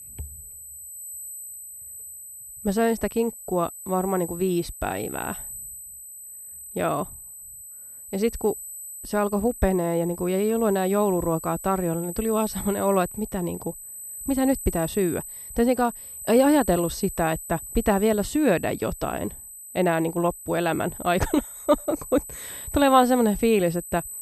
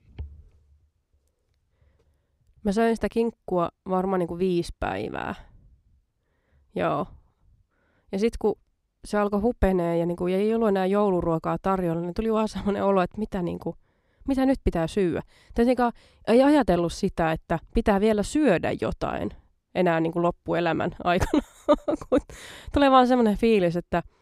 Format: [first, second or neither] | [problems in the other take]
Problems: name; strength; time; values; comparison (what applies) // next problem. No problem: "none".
second | high-pitched whine; noticeable; throughout; 8 kHz, 10 dB below the speech